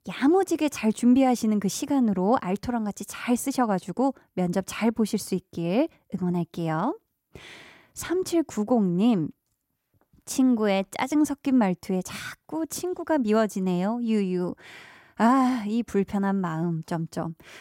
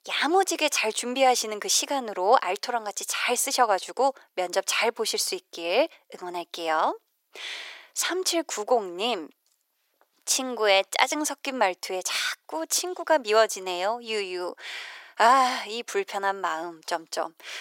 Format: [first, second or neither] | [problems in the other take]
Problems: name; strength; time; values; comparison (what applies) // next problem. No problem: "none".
first | thin; very; fading below 450 Hz